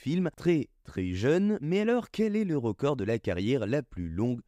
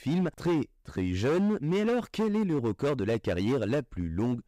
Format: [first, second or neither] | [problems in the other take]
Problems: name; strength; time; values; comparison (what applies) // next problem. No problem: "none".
first | distortion; slight; 14% of the sound clipped